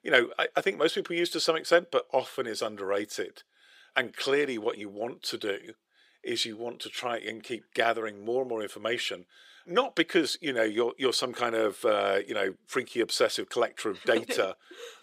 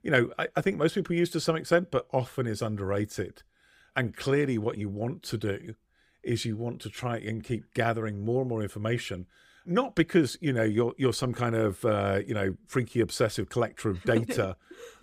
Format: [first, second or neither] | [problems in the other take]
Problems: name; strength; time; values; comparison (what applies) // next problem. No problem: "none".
second | thin; somewhat; fading below 450 Hz